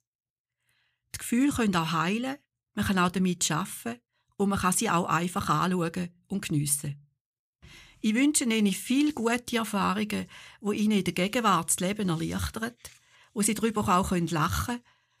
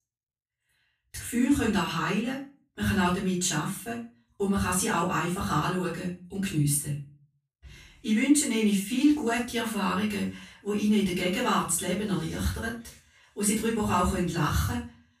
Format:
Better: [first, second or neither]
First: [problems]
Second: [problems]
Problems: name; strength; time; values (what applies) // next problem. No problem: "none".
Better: first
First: none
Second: off-mic speech; far // room echo; slight; dies away in 0.3 s